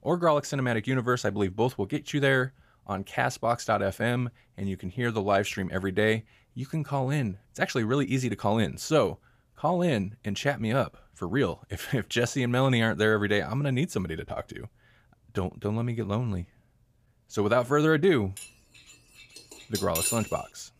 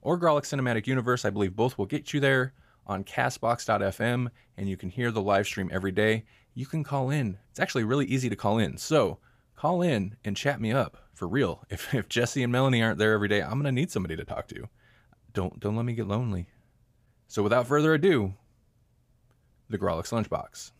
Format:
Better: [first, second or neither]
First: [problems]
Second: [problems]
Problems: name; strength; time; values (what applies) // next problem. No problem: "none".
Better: second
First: clattering dishes; noticeable; from 18 s on; peak level with the speech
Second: none